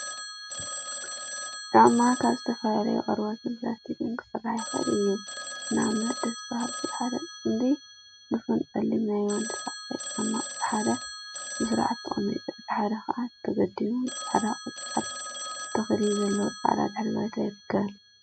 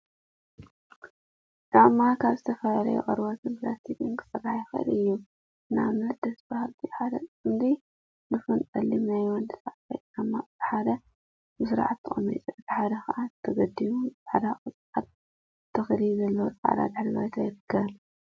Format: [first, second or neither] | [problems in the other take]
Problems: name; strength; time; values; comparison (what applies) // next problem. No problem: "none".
second | background sound (Telephone); 9 dB below the speech